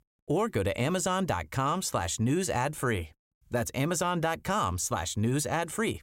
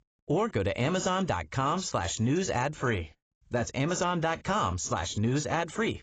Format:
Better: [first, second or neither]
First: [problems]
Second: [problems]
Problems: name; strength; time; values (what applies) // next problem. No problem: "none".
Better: first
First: none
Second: garbled, watery; badly; nothing above 7.5 kHz